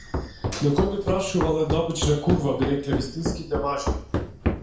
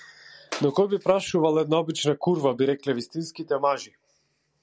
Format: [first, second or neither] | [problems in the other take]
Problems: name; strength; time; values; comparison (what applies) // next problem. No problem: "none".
second | background sound (Run); 3 dB below the speech // room echo; dies away in 0.5 s